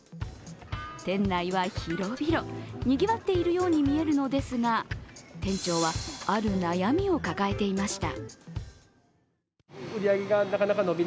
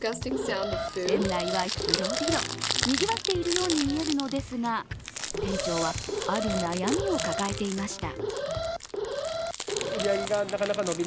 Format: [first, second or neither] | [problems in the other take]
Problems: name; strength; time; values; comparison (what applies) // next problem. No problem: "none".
first | background sound (Crumpling, crinkling + Alarm); 1 dB below the speech